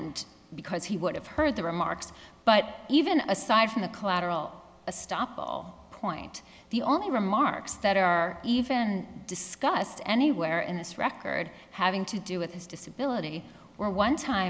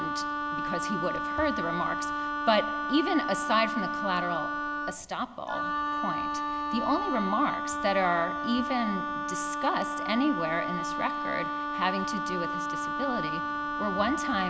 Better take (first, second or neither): first